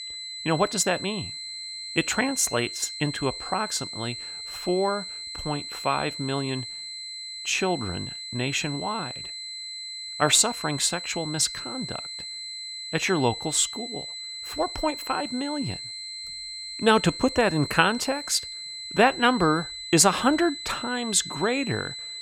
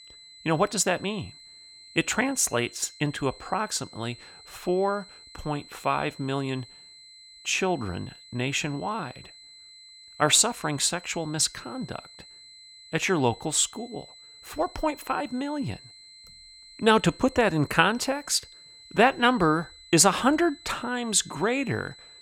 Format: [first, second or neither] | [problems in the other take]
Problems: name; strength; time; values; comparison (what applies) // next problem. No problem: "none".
second | high-pitched whine; loud; throughout; 4 kHz, 9 dB below the speech; faint in the second